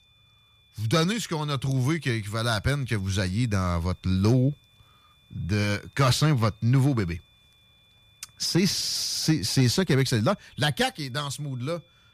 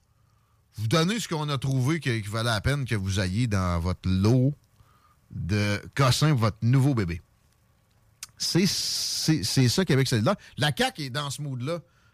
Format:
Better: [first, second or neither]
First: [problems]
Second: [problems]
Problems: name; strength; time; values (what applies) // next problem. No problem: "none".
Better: second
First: high-pitched whine; faint; throughout; 3.5 kHz, 35 dB below the speech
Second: none